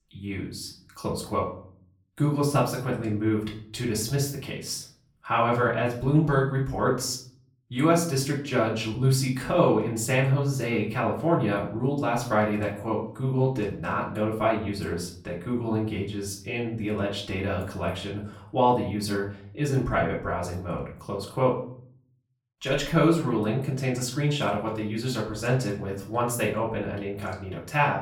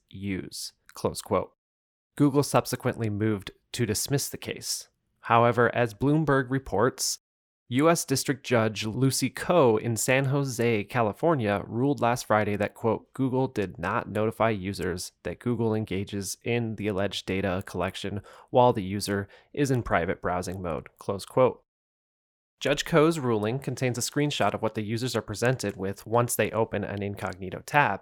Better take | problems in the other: second | off-mic speech; far // room echo; slight; dies away in 0.5 s

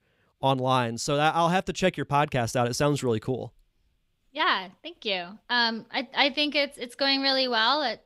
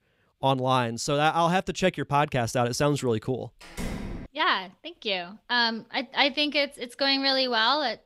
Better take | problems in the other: first | door banging; noticeable; at 3.5 s; peak 10 dB below the speech

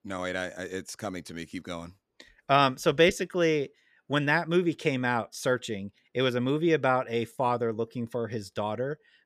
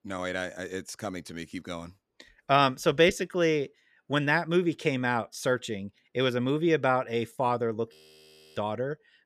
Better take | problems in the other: first | audio freezing; at 8 s for 0.5 s

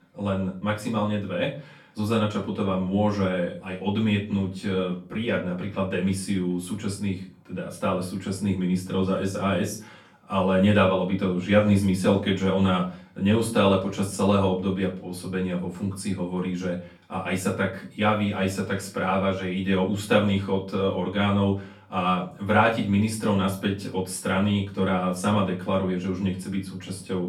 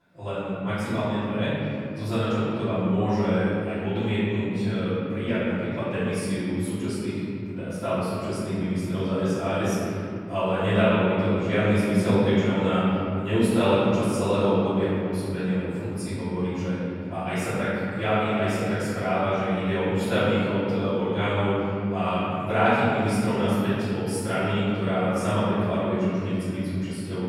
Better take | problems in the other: first | room echo; strong; dies away in 3 s; slight in the first // off-mic speech; far; far in the first

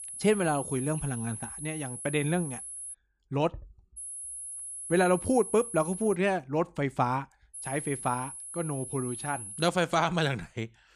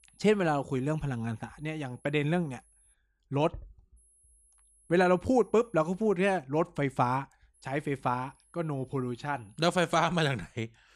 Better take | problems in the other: second | high-pitched whine; loud; until 3 s, from 4 to 6 s and from 7.5 to 9.5 s; 10.5 kHz, 8 dB below the speech; faint in the second

